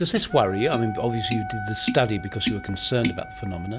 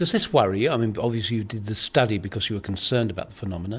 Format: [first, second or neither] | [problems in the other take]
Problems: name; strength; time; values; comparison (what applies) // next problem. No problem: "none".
second | background sound (Wind instrument, woodwind instrument + Tap); 7 dB below the speech